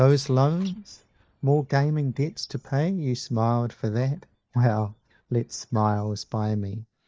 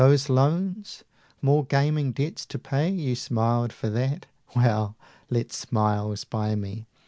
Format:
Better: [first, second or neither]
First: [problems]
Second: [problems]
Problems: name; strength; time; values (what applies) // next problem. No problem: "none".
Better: second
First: noise reduction (neural mask model DeepFilterNet 3)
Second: none